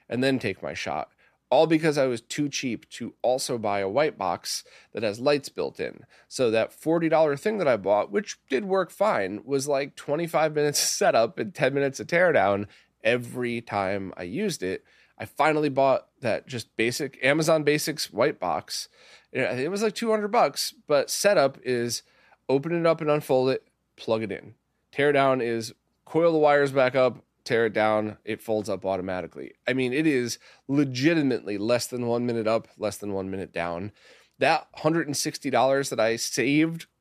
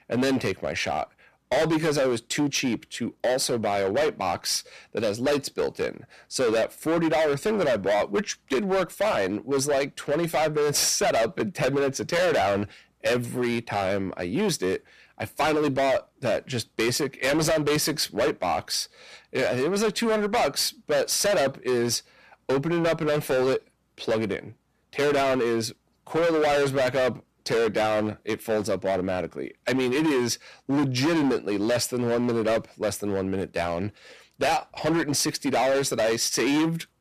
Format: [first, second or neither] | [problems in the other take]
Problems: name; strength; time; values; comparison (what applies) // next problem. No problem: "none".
first | distortion; heavy; 18% of the sound clipped